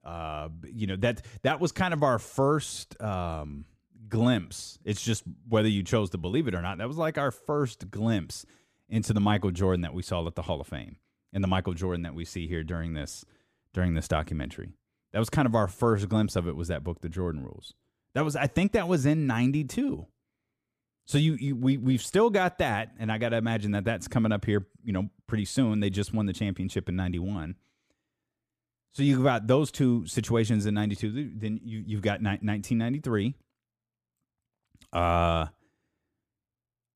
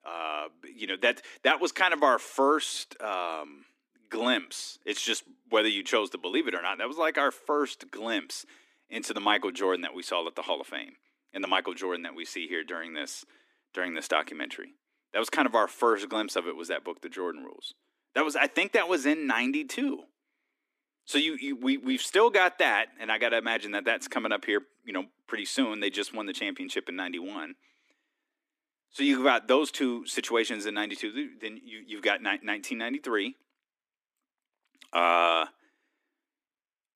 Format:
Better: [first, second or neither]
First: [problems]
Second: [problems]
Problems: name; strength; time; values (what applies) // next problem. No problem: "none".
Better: first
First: none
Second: thin; somewhat; fading below 250 Hz